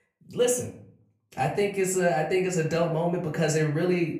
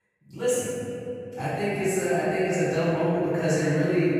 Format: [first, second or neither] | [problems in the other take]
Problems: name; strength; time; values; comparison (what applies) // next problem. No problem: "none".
first | room echo; strong; dies away in 3 s; slight in the first // off-mic speech; far; far in the first